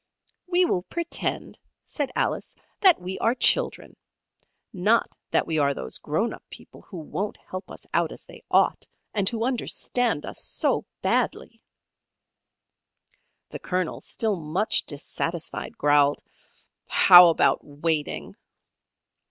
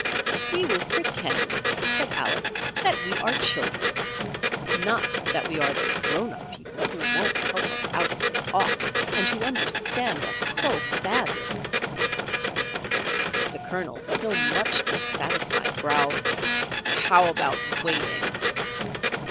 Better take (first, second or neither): first